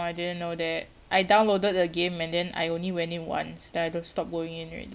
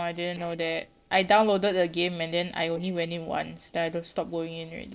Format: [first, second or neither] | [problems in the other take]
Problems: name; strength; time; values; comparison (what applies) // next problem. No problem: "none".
first | noise reduction (neural separator model SepFormer DNS4)